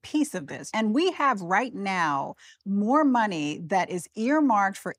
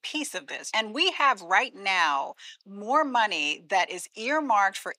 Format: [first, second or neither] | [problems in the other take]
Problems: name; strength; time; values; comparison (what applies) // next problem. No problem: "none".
first | thin; somewhat; fading below 550 Hz